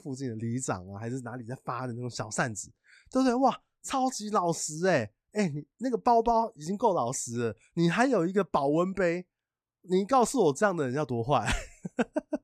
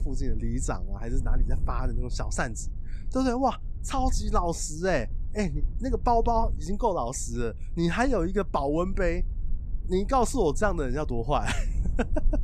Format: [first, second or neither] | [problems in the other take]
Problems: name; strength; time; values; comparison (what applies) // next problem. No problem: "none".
first | low rumble; faint; throughout; 25 dB below the speech